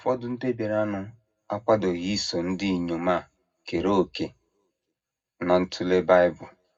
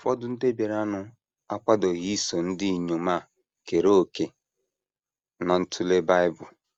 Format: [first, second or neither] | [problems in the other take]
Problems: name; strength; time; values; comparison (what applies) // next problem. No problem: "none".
second | room echo; dies away in 0.3 s